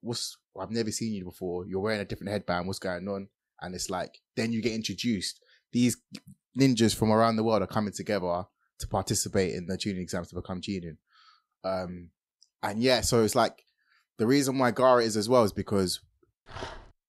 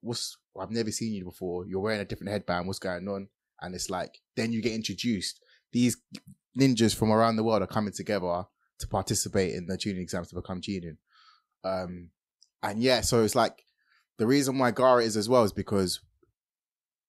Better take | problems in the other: second | dog barking; faint; at 16 s; peak 15 dB below the speech

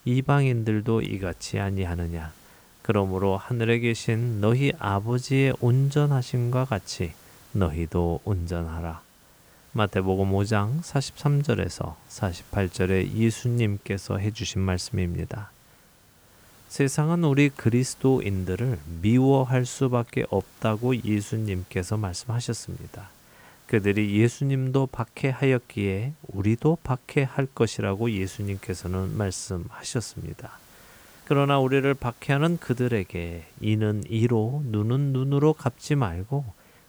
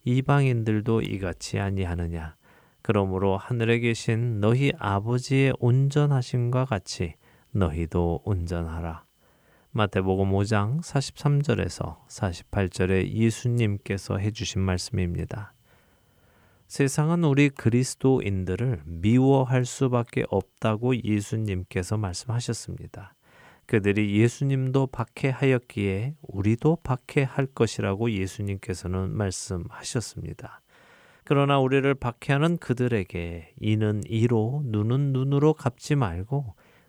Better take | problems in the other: second | hiss; faint; throughout; 25 dB below the speech

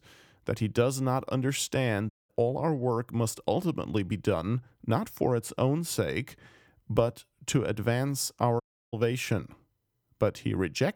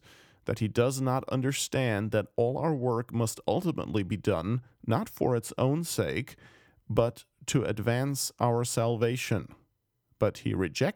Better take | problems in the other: second | audio cutting out; at 2 s and at 8.5 s

